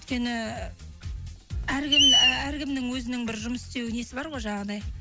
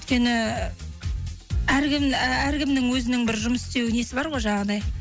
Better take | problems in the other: second | background sound (Screech); 3 dB above the speech

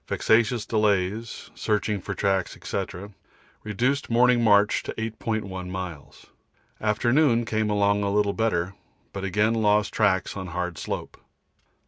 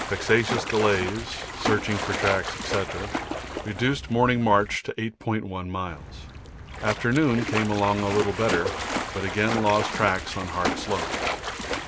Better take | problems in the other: first | background sound (Splash, splatter); 5 dB below the speech

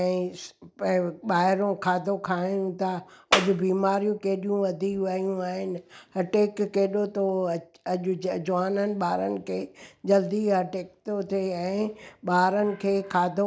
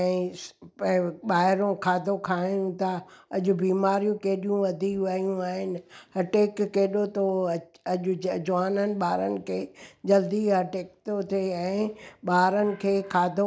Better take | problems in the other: second | background sound (Clapping); as loud as the speech

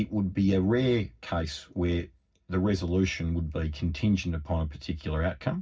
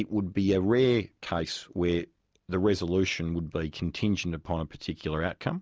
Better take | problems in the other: second | room echo; dies away in 0.4 s

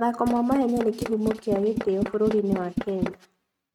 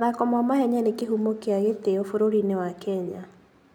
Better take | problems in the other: second | noise reduction (neural mask model RNNoise)

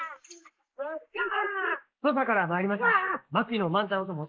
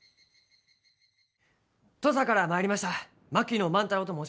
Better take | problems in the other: second | noise reduction (neural mask model Resemble Enhance denoiser)

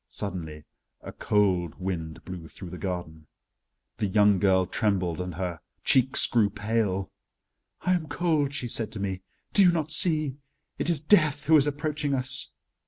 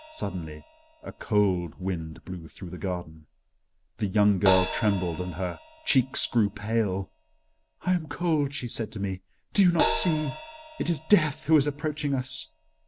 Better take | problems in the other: first | background sound (Crash cymbal); 10 dB below the speech

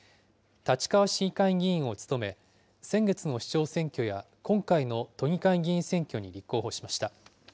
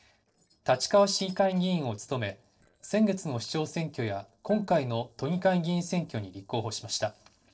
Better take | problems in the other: first | noise reduction (neural separator model SepFormer DNS4)

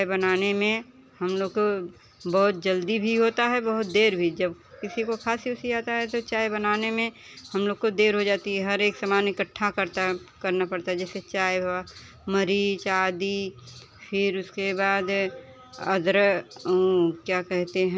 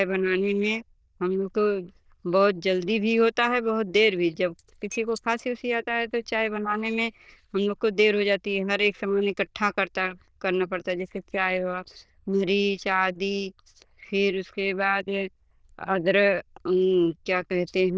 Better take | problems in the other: first | noise reduction (neural diffusion model UNIVERSE++)

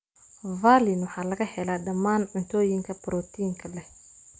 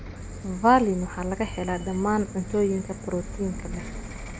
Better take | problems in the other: first | background sound (Bus); 10 dB below the speech

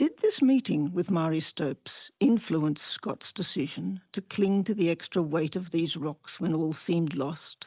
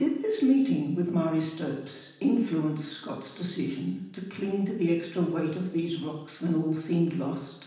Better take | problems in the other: first | room echo; dies away in 0.9 s

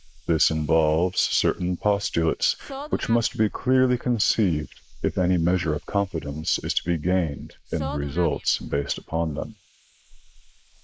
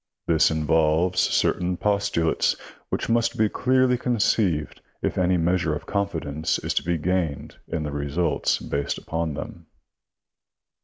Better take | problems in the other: second | noise reduction (neural mask model Resemble Enhance denoiser)

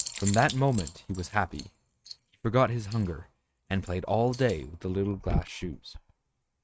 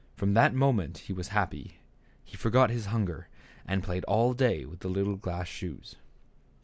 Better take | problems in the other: second | noise reduction (neural mask model RNNoise)

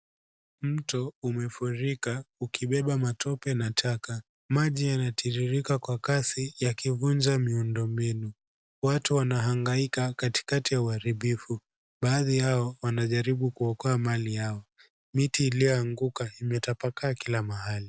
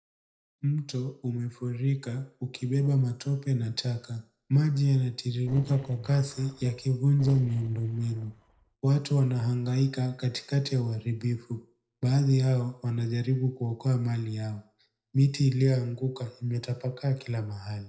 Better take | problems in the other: first | noise reduction (neural separator model SepFormer DNS4)

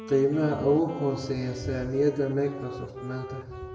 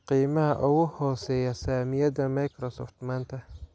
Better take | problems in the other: second | background sound (Wind instrument, woodwind instrument); 14 dB below the speech // room echo; dies away in 1.2 s

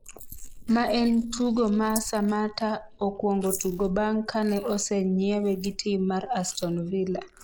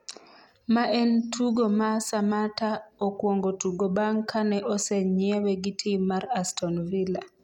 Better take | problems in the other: second | noise reduction (neural mask model Resemble Enhance denoiser)

